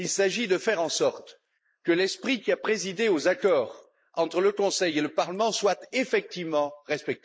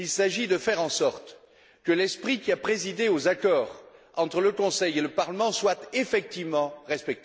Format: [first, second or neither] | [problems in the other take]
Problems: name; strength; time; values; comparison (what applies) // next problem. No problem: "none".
second | noise reduction (neural mask model Resemble Enhance denoiser)